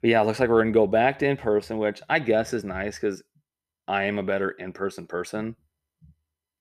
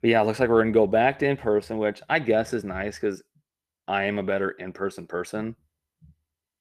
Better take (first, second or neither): first